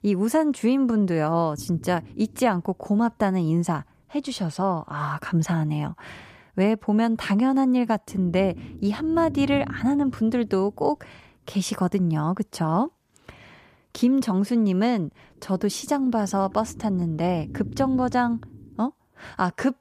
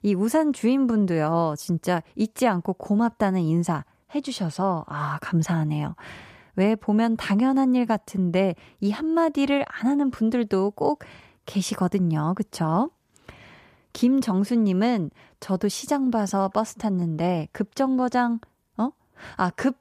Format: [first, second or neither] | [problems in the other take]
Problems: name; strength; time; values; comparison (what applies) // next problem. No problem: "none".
second | low rumble; faint; from 1.5 to 5.5 s, from 8 to 12 s and from 15 to 19 s; 20 dB below the speech